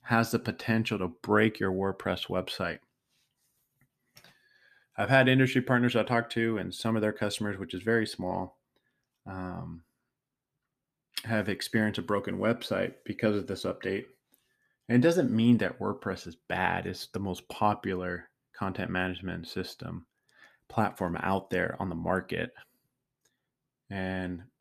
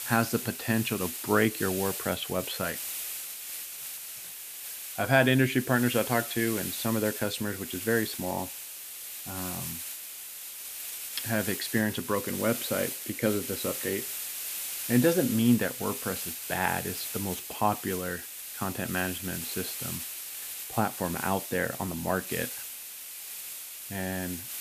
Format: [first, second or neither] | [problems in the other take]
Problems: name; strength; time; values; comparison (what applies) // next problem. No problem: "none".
first | hiss; loud; throughout; 5 dB below the speech